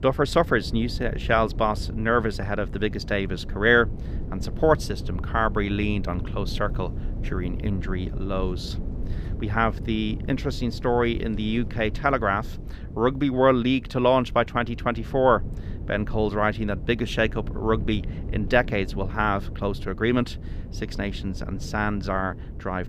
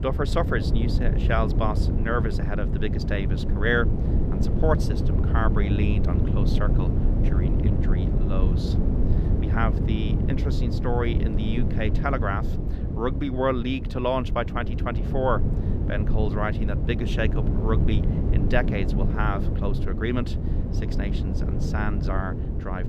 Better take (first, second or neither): first